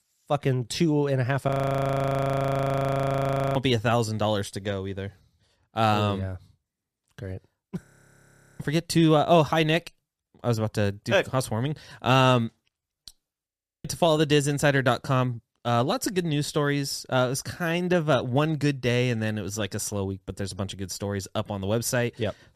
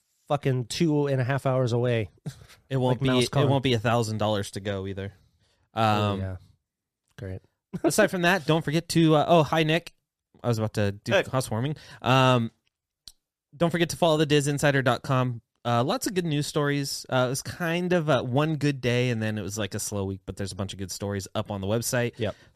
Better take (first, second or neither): second